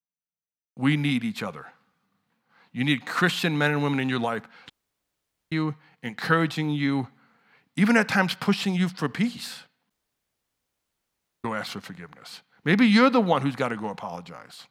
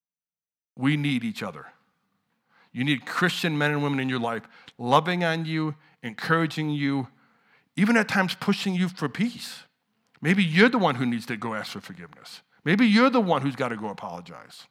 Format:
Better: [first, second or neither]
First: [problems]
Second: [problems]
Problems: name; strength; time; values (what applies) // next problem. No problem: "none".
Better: second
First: audio cutting out; at 4.5 s for 1 s and at 10 s for 1.5 s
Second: none